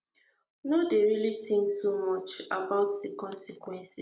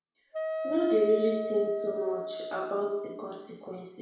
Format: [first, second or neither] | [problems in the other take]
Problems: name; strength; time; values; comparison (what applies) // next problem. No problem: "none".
first | background sound (Wind instrument, woodwind instrument); 5 dB below the speech // room echo; dies away in 0.6 s